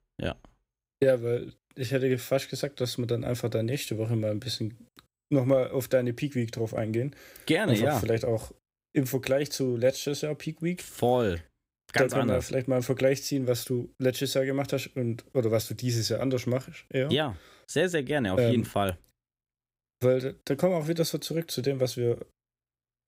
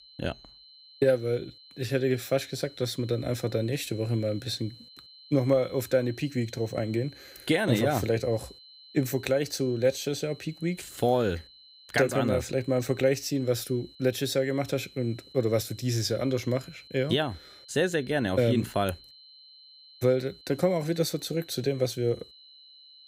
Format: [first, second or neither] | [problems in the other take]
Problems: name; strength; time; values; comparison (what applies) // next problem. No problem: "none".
first | high-pitched whine; faint; throughout; 4 kHz, 20 dB below the speech